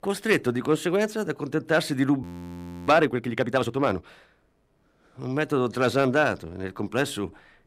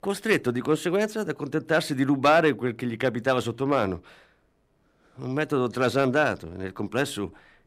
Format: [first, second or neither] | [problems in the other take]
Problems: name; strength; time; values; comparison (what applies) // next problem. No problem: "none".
second | audio freezing; at 2 s for 0.5 s